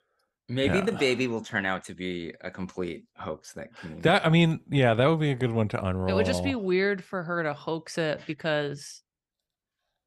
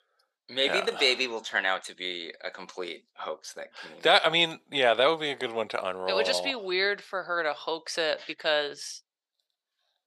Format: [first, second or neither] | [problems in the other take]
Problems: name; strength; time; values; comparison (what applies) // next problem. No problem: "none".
first | thin; very; fading below 600 Hz